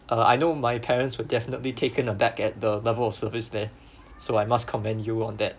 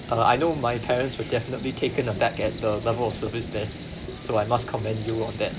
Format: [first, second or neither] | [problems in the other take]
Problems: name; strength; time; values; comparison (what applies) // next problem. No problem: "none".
first | background sound (Cricket); 10 dB below the speech